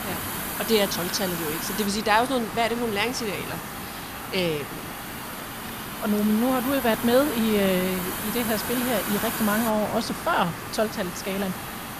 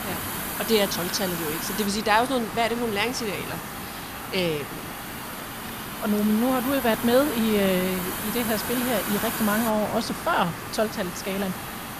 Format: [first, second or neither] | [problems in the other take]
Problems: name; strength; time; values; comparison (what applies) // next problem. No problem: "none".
neither | hiss; loud; throughout; 6 dB below the speech; the same in both